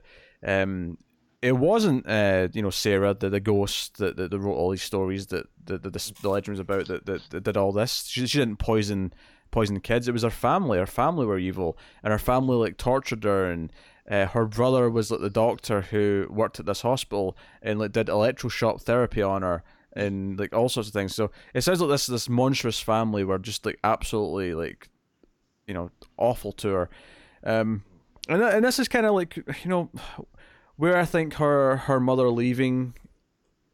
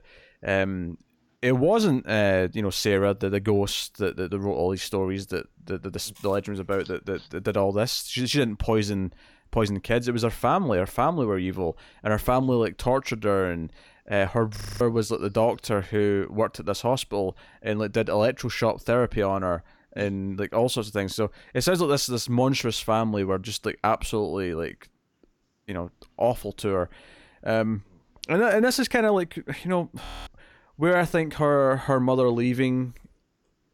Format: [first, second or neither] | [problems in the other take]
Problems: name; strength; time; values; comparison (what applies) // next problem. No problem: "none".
first | audio freezing; at 15 s and at 30 s